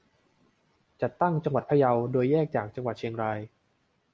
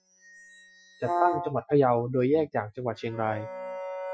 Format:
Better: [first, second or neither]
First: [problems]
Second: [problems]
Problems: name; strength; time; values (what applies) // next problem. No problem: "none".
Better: first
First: none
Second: noise reduction (classical method Wiener filter)